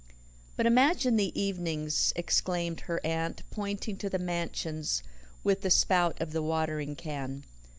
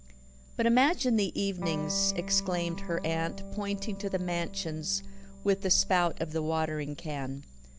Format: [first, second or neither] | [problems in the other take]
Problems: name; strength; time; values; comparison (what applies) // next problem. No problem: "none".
first | background sound (Electric guitar); 13 dB below the speech